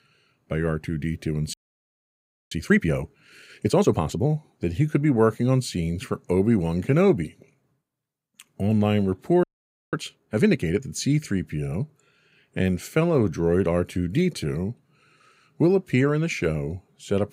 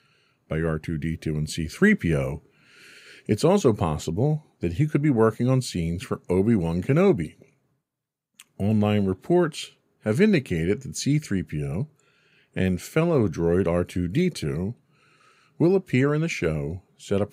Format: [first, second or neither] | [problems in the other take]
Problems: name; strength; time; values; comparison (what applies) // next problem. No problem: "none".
second | audio freezing; at 1.5 s for 1 s and at 9.5 s for 0.5 s